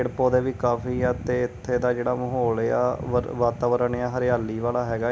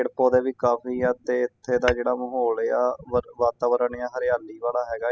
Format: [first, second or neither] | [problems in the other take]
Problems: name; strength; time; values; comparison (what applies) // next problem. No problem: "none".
first | noise reduction (classical method spectral subtraction)